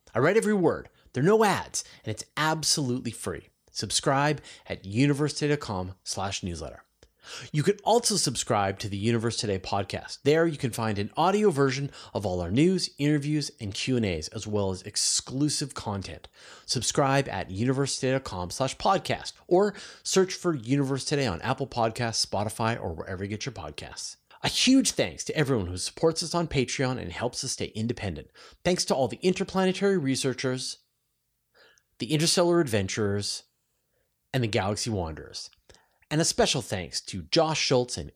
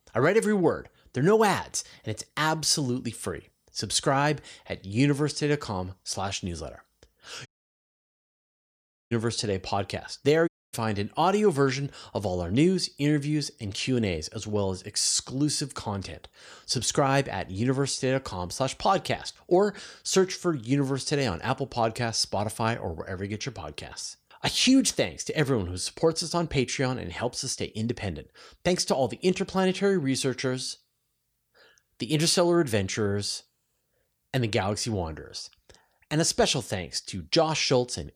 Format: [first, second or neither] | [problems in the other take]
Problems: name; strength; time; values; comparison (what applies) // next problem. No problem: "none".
first | audio cutting out; at 7.5 s for 1.5 s and at 10 s